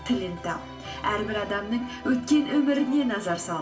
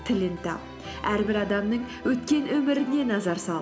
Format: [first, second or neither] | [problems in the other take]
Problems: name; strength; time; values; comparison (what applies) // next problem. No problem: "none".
second | room echo; dies away in 0.2 s